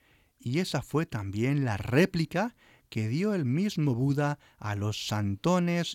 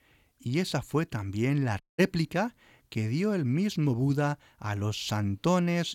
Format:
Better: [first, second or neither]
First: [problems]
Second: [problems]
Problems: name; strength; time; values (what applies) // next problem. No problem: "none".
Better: first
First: none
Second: audio cutting out; at 2 s